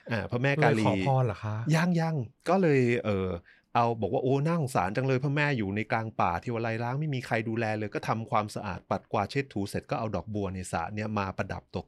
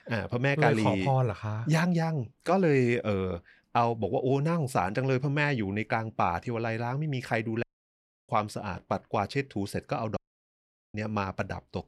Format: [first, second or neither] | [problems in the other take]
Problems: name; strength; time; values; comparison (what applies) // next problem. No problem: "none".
first | audio cutting out; at 7.5 s for 0.5 s and at 10 s for 1 s